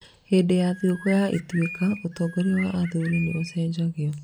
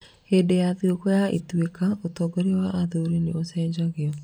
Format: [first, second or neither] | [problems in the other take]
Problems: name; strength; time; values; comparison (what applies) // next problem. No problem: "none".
second | background sound (Bird); 15 dB below the speech